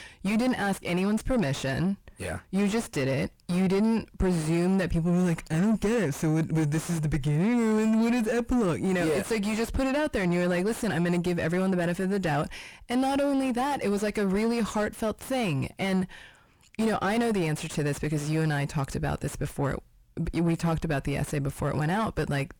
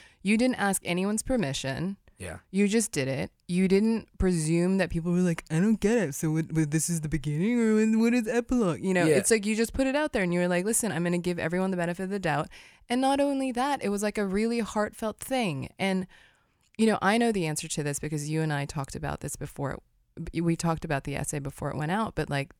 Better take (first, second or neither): second